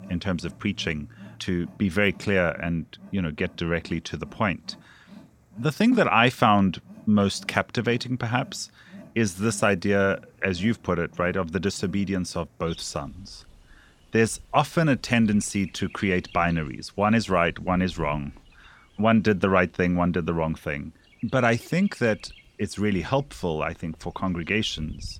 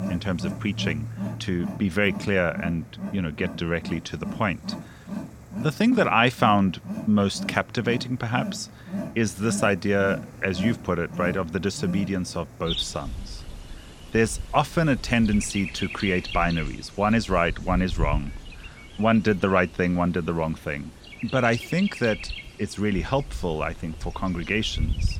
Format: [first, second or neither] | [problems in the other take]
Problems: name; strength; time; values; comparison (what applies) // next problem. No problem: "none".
first | animal sounds; loud; throughout; 10 dB below the speech; faint in the first